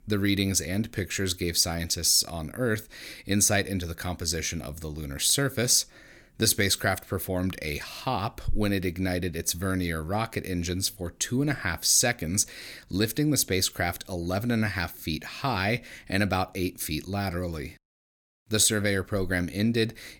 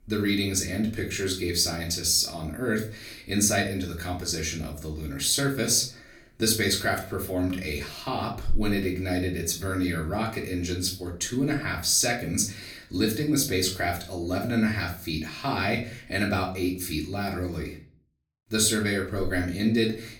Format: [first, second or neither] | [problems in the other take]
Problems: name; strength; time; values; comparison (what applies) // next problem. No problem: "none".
first | off-mic speech; far // room echo; slight; dies away in 0.3 s